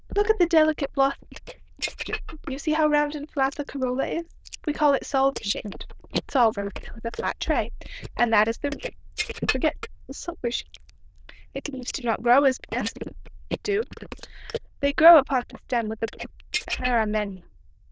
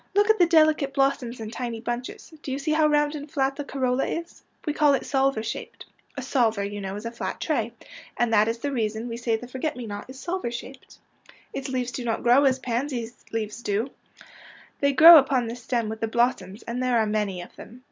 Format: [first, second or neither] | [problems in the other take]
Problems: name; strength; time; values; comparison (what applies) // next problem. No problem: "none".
second | noise reduction (neural diffusion model UNIVERSE++)